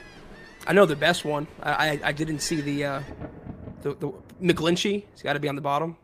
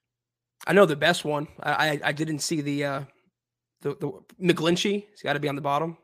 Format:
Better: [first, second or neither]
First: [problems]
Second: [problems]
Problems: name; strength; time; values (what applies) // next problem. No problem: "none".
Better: second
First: rain or running water; noticeable; throughout; 20 dB below the speech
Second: none